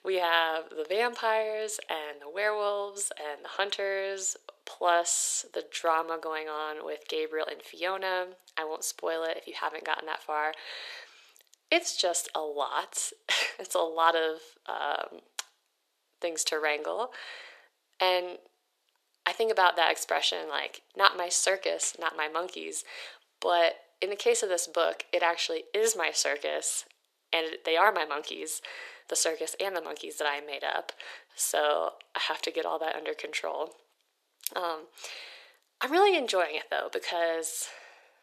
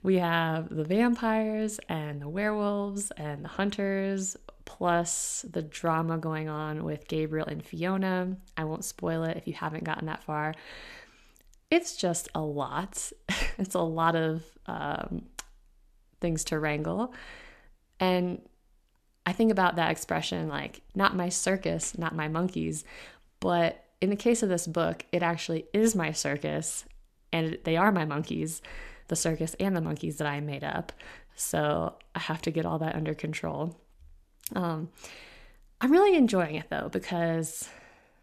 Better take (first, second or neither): second